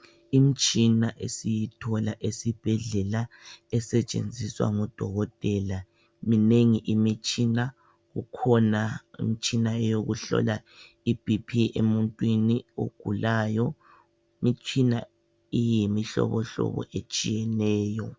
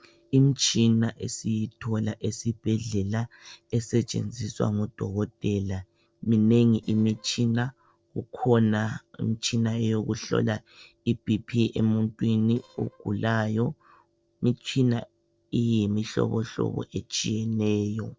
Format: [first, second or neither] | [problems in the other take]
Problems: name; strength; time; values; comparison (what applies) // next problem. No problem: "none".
first | noise reduction (neural separator model SepFormer DNS4)